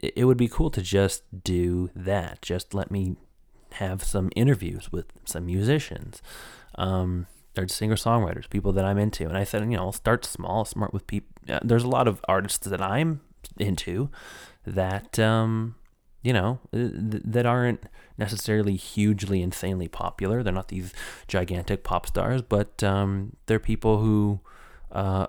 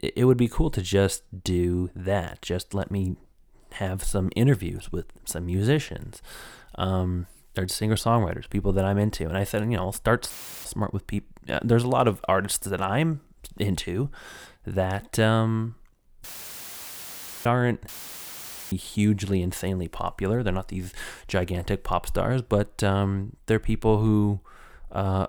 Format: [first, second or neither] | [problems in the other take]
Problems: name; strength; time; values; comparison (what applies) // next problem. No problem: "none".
first | audio cutting out; filled with static; at 10 s, at 16 s for 1 s and at 18 s for 1 s